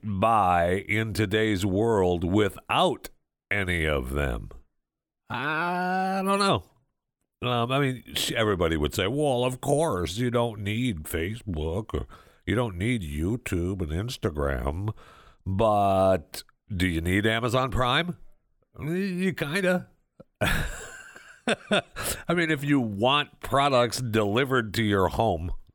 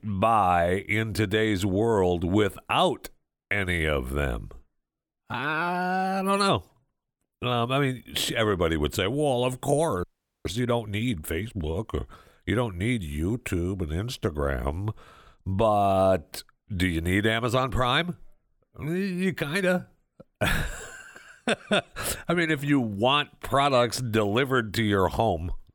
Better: first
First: none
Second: audio freezing; at 10 s

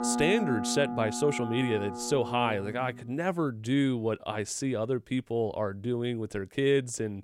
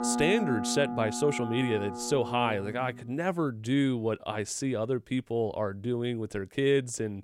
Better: neither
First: background music; loud; until 3 s; 6 dB below the speech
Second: background music; loud; until 3 s; 6 dB below the speech

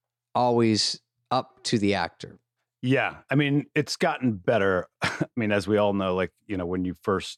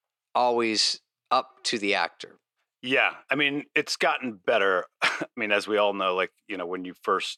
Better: first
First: none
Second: thin; somewhat; fading below 400 Hz

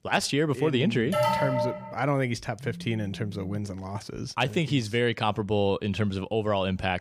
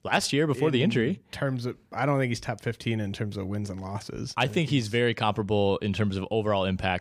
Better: second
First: alarm; loud; at 1 s; peak 3 dB above the speech // phone ringing; faint; from 2.5 to 3.5 s; peak 10 dB below the speech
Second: none

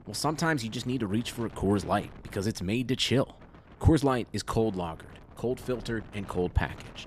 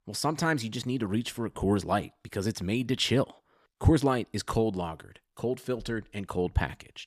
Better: second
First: wind noise on the microphone; occasional gusts; 20 dB below the speech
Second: none

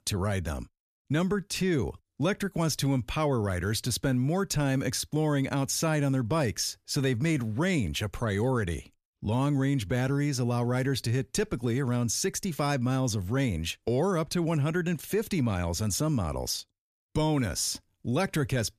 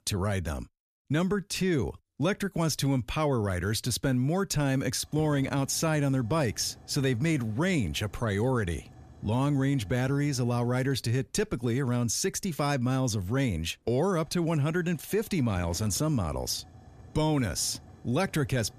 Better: first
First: none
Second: hiss; faint; from 5 s on; 20 dB below the speech

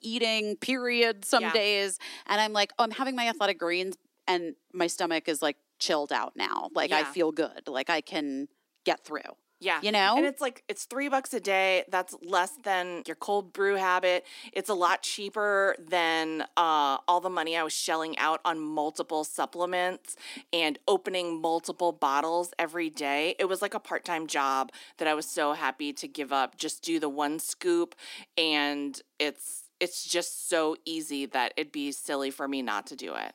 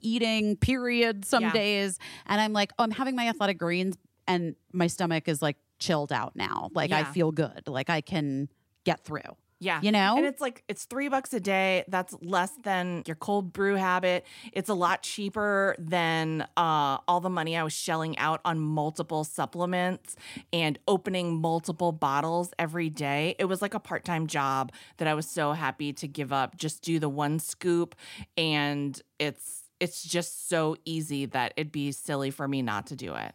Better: second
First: thin; somewhat; fading below 250 Hz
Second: none

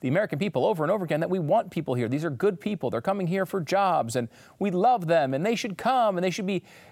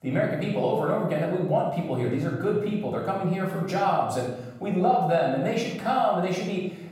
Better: first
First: none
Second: off-mic speech; far // room echo; noticeable; dies away in 0.7 s

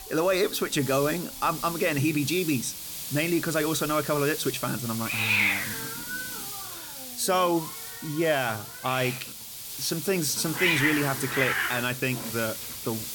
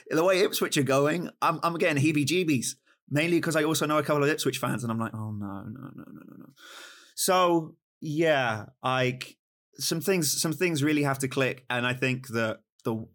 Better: second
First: hiss; loud; throughout; 3 dB below the speech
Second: none

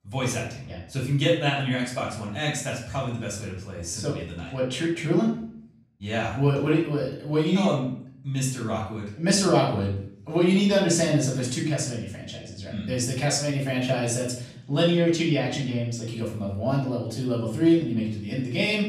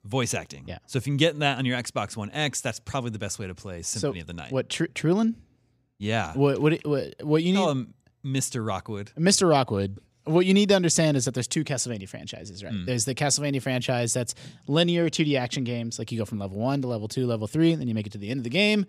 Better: second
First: off-mic speech; far // room echo; noticeable; dies away in 0.5 s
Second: none

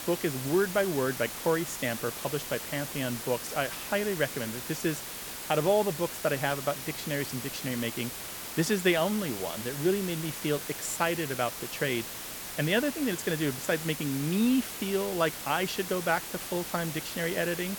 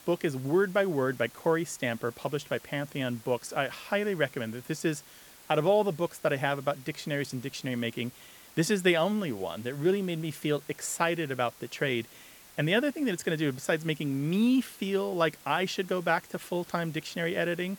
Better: second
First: hiss; loud; throughout; 6 dB below the speech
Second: hiss; faint; throughout; 20 dB below the speech

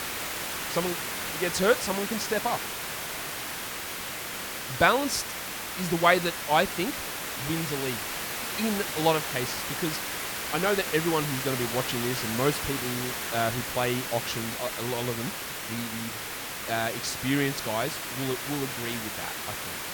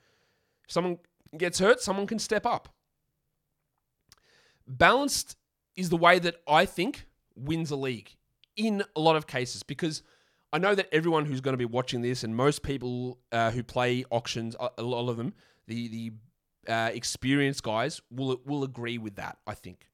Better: second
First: hiss; loud; throughout; 3 dB below the speech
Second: none

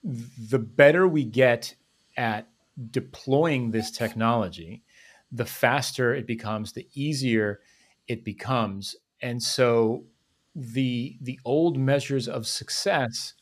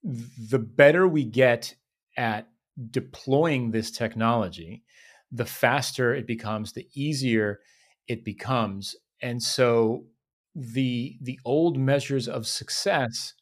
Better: second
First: hiss; faint; throughout; 25 dB below the speech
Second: none

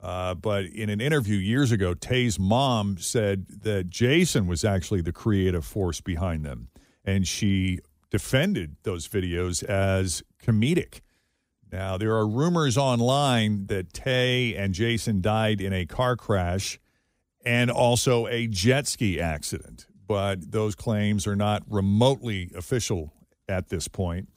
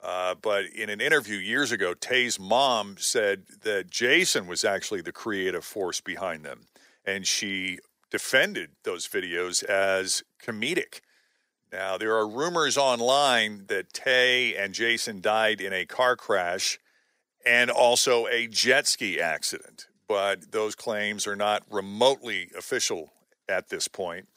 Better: first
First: none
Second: thin; very; fading below 500 Hz

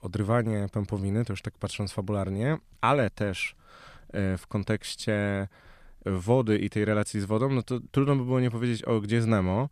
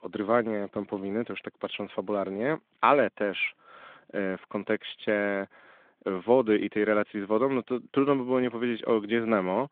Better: first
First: none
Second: phone-call audio

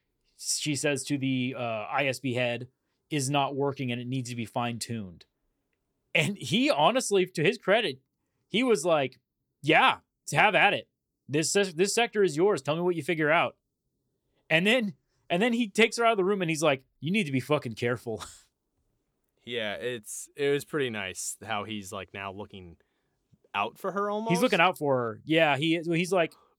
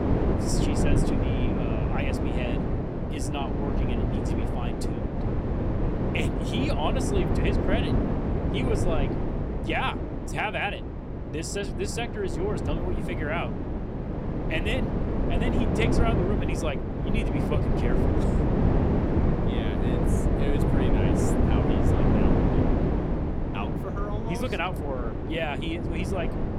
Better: first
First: none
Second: wind noise on the microphone; heavy; 1 dB above the speech

